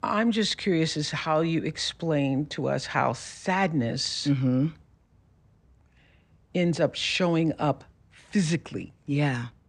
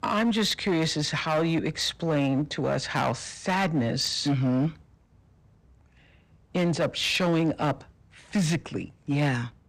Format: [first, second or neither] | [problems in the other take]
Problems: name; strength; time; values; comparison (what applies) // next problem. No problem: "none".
first | distortion; slight; 10% of the sound clipped